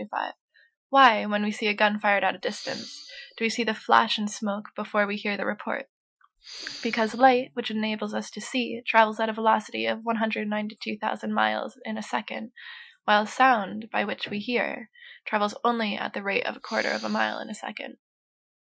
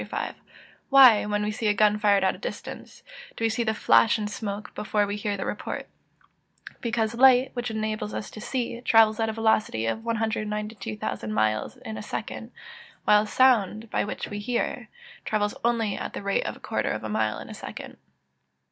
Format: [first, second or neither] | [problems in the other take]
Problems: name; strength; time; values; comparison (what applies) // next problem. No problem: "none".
second | noise reduction (classical method Wiener filter)